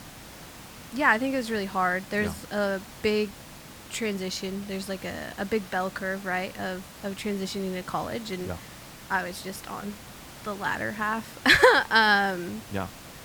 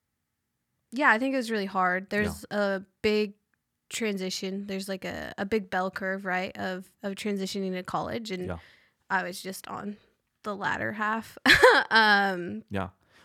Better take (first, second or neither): second